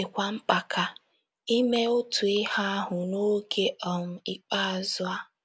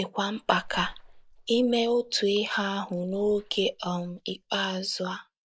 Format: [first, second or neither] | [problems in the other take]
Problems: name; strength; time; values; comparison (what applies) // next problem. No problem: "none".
first | noise reduction (neural mask model DeepFilterNet 3)